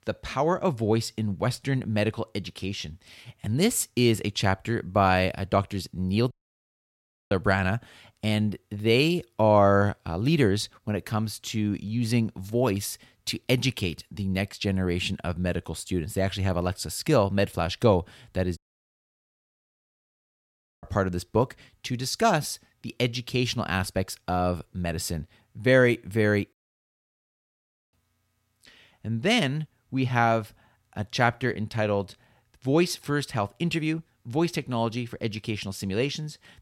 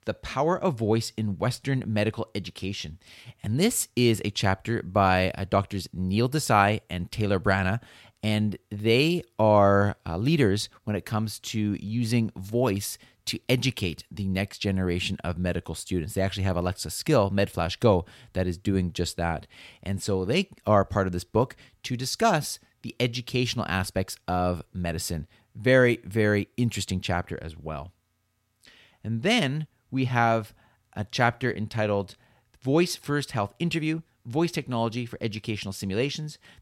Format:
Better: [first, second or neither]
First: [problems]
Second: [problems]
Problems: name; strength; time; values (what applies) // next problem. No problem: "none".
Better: second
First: audio cutting out; at 6.5 s for 1 s, at 19 s for 2.5 s and at 27 s for 1.5 s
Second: none